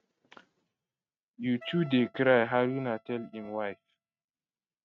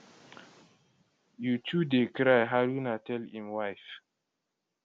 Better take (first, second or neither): second